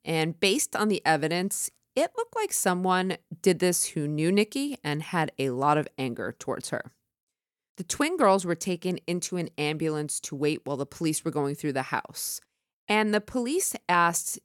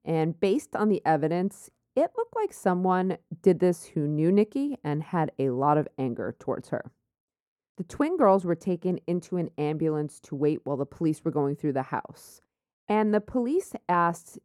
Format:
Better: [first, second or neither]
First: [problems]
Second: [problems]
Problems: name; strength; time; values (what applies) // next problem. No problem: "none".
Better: first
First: none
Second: muffled; very; fading above 2 kHz